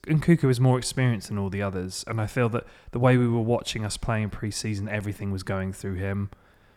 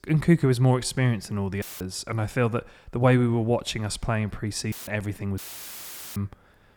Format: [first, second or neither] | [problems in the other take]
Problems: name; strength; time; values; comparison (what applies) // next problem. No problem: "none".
first | audio cutting out; filled with static; at 1.5 s, at 4.5 s and at 5.5 s for 1 s